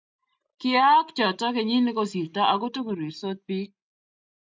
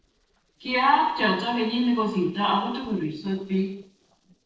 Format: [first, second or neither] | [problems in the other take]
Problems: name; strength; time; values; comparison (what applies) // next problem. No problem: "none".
first | noise reduction (neural separator model SepFormer DNS4)